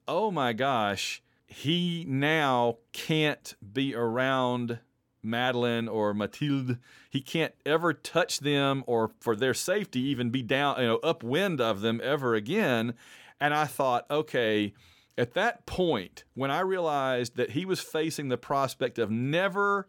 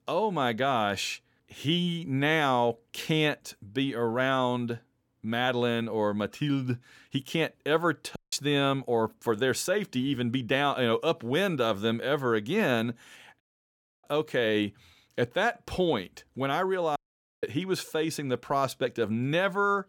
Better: first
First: none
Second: audio cutting out; at 8 s, at 13 s for 0.5 s and at 17 s

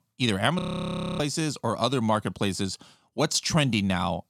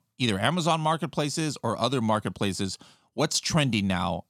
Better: second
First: audio freezing; at 0.5 s for 0.5 s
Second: none

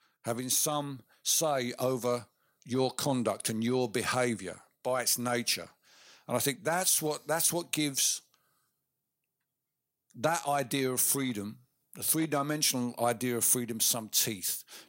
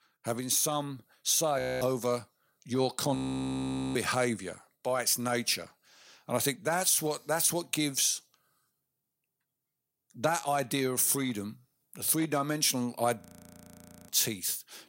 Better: first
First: none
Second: audio freezing; at 1.5 s, at 3 s for 1 s and at 13 s for 1 s

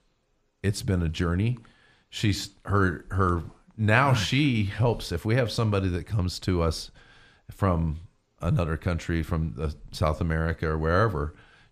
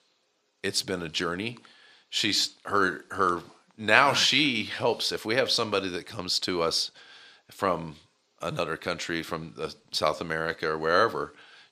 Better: first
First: none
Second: thin; somewhat; fading below 350 Hz

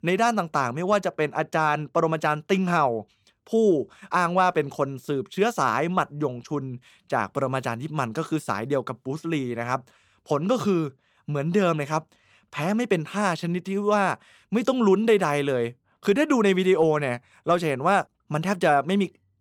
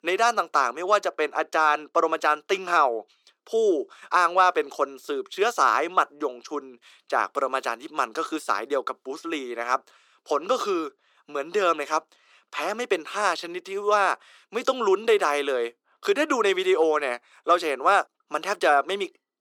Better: first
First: none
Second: thin; very; fading below 300 Hz

